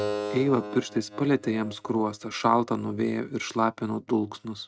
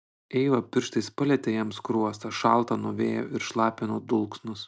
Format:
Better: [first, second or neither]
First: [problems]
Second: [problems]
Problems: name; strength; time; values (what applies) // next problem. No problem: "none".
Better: second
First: noise reduction (neural mask model RNNoise)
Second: none